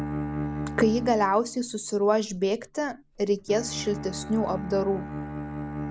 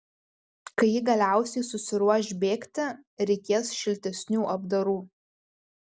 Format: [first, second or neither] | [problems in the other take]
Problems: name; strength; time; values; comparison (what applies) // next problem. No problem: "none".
second | background sound (Bowed string instrument); 8 dB below the speech